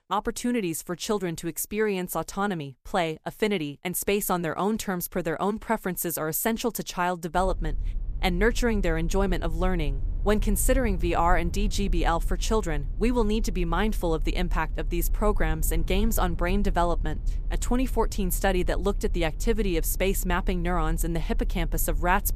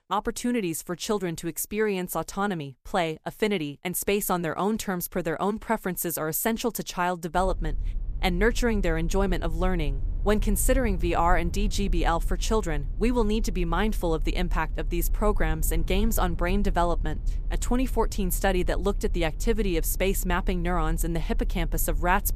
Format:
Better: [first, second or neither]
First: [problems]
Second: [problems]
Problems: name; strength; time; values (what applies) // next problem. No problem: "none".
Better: neither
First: low rumble; faint; from 7.5 s on; 25 dB below the speech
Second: low rumble; faint; from 7.5 s on; 25 dB below the speech